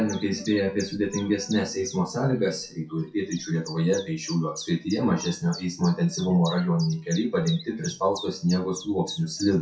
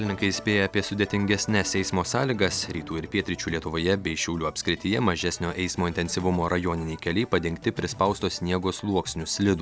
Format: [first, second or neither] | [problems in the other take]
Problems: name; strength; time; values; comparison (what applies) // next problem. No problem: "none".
second | noise reduction (classical method WPE with log-MMSE)